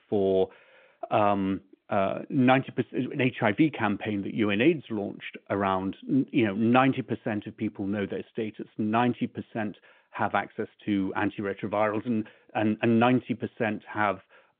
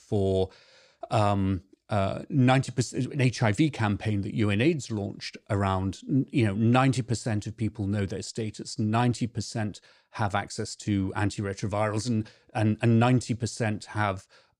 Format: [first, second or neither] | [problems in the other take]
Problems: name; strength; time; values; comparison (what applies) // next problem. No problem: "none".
second | phone-call audio; nothing above 3.5 kHz